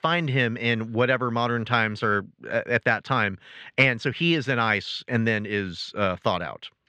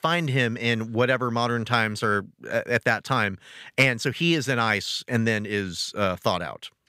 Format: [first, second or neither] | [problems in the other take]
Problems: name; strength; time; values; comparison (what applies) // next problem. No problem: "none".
second | muffled; very slightly; fading above 3 kHz